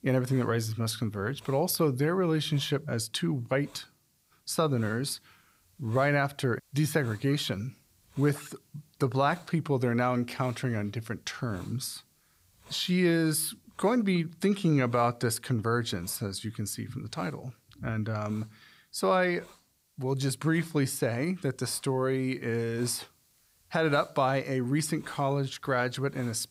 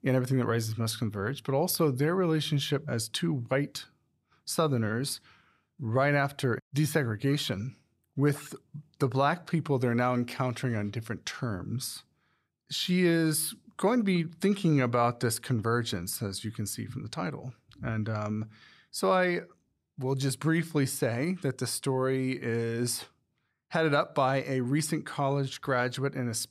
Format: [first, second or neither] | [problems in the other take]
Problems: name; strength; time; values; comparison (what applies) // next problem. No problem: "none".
second | hiss; faint; throughout; 30 dB below the speech